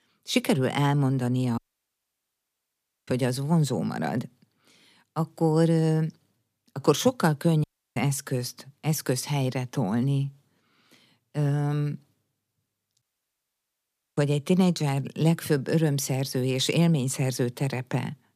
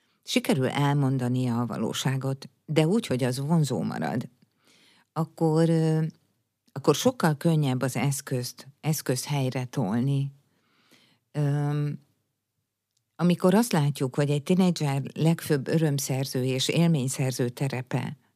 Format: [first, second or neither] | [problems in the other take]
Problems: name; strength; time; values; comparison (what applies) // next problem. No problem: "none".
second | audio cutting out; at 1.5 s for 1.5 s, at 7.5 s and at 13 s for 1 s